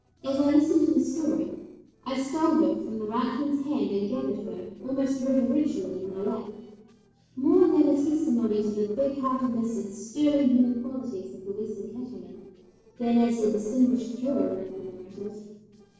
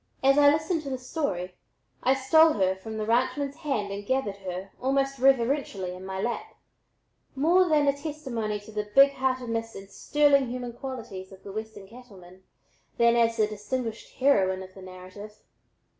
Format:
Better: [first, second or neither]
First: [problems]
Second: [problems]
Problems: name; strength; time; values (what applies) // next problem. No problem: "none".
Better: second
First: noise reduction (neural separator model SepFormer DNS4)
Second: none